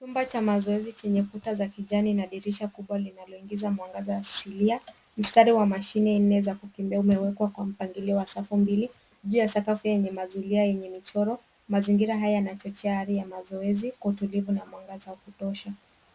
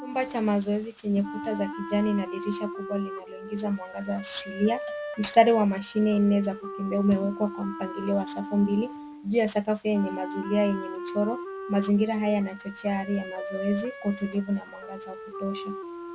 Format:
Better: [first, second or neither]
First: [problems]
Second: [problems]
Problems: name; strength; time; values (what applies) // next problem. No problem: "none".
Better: first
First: none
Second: background sound (Wind instrument, woodwind instrument); 11 dB below the speech